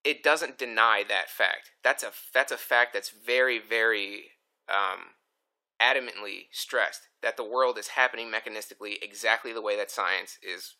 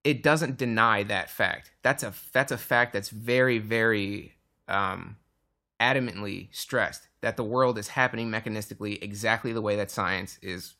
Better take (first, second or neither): second